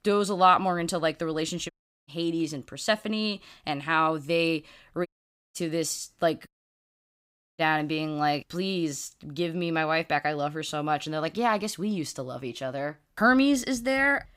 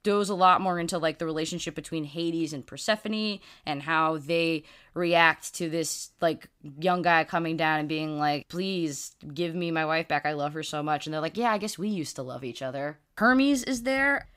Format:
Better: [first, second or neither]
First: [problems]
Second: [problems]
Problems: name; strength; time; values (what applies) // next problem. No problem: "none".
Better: second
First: audio cutting out; at 1.5 s, at 5 s and at 6.5 s for 1 s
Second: none